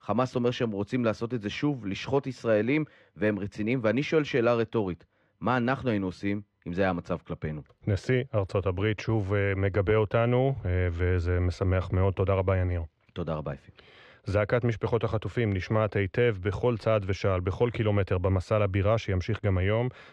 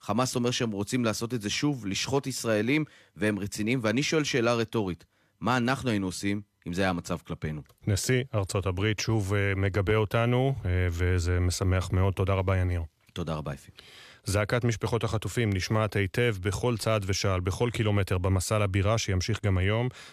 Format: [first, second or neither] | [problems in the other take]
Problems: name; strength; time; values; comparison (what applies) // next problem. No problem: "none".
second | muffled; very; fading above 2.5 kHz